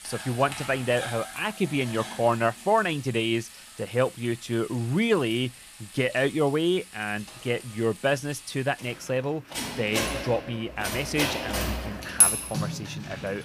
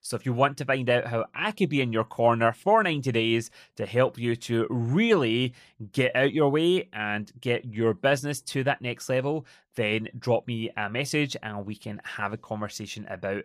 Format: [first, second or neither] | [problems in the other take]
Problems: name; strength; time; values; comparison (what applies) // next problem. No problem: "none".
second | household noises; loud; throughout; 1 dB below the speech